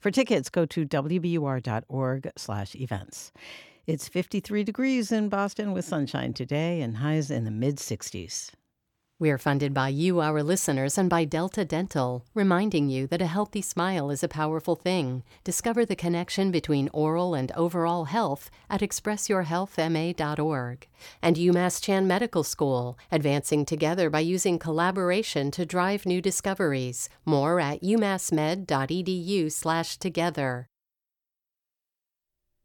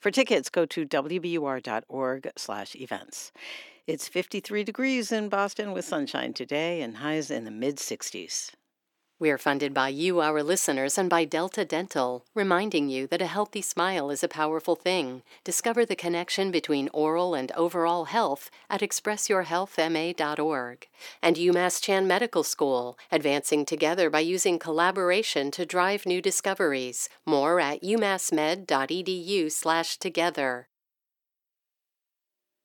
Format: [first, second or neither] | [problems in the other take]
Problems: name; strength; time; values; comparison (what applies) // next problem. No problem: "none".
first | thin; somewhat; fading below 300 Hz